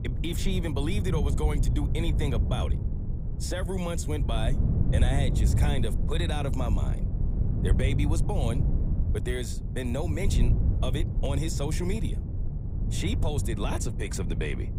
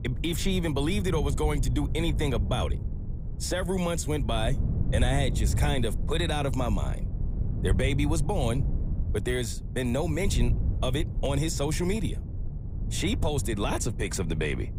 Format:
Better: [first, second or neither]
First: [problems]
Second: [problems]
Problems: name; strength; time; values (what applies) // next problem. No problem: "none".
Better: second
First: wind noise on the microphone; heavy; 7 dB below the speech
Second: wind noise on the microphone; occasional gusts; 15 dB below the speech